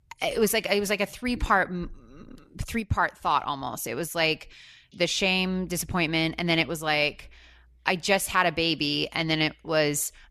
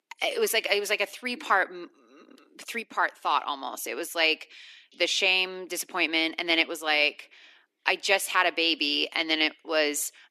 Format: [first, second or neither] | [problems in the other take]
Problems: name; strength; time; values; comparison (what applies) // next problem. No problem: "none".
first | thin; somewhat; fading below 300 Hz